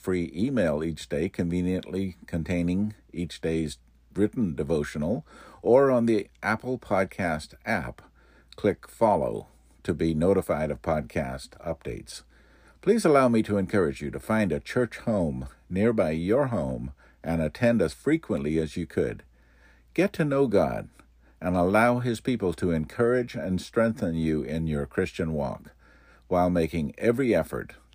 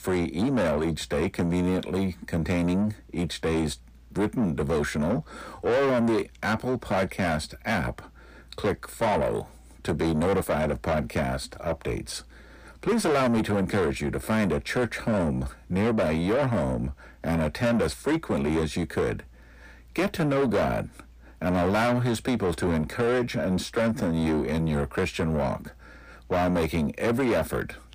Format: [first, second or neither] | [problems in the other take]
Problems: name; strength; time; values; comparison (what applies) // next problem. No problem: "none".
first | distortion; heavy; 7 dB below the speech